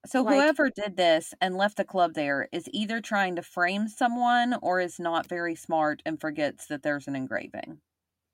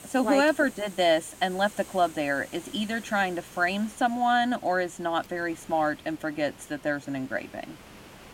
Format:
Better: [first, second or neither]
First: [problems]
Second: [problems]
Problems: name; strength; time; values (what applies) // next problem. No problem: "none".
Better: first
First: none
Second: hiss; noticeable; throughout; 20 dB below the speech